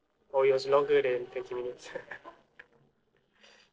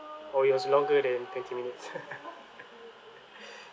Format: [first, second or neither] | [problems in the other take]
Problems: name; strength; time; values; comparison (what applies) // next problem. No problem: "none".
second | noise reduction (neural separator model SepFormer DNS4)